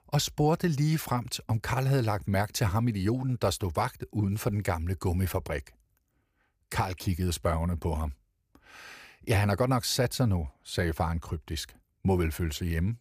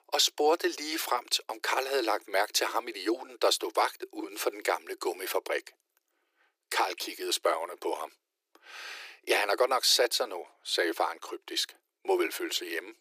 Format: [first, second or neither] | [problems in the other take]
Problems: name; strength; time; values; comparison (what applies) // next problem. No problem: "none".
first | thin; very; fading below 350 Hz